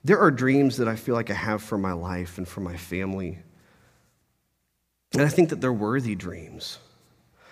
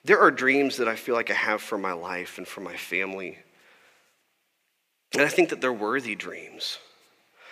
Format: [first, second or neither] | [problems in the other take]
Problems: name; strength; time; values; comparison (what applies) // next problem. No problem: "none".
first | thin; somewhat; fading below 450 Hz